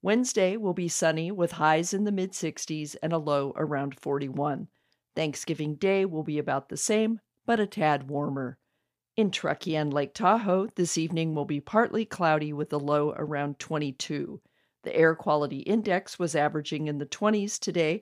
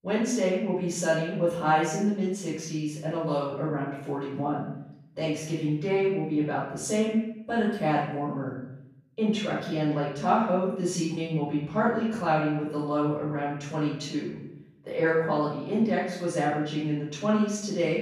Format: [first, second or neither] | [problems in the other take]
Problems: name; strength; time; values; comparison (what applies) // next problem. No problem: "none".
first | off-mic speech; far // room echo; noticeable; dies away in 0.8 s